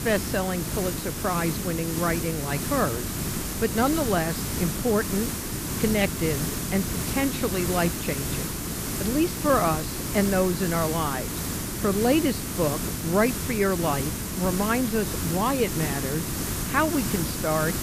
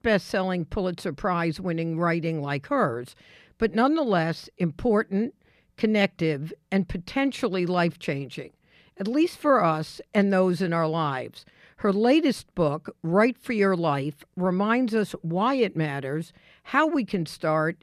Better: second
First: hiss; loud; throughout; 2 dB below the speech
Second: none

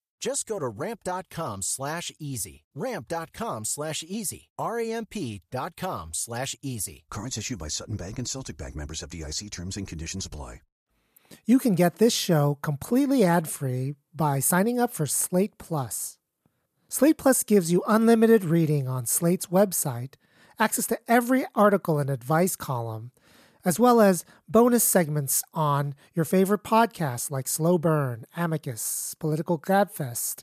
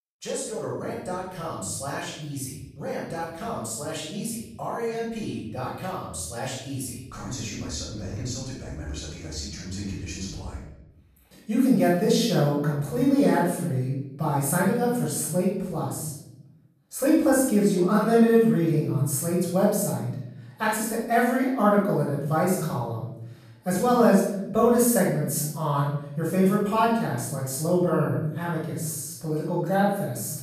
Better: first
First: none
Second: off-mic speech; far // room echo; strong; dies away in 0.9 s

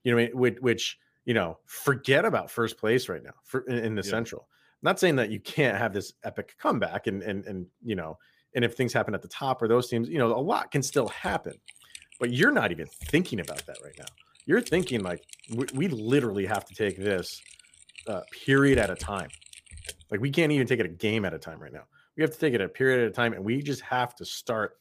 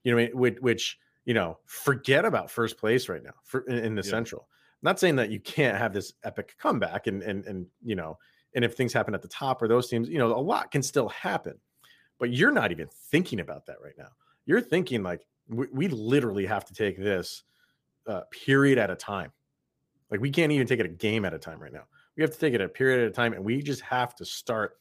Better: second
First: keyboard typing; noticeable; from 11 to 20 s; peak 9 dB below the speech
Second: none

